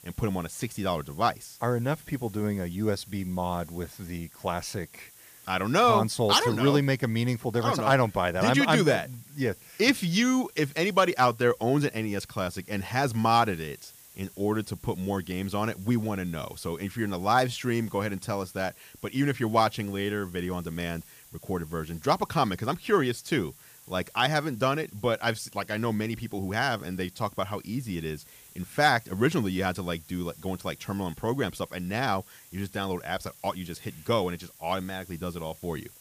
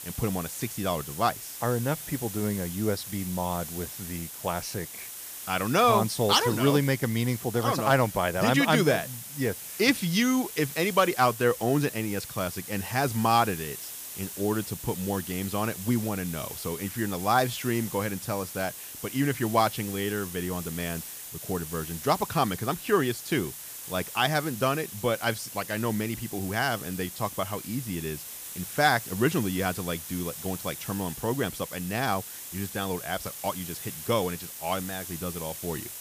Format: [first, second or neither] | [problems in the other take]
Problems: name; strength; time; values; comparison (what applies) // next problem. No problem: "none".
first | hiss; loud; throughout; 9 dB below the speech; faint in the first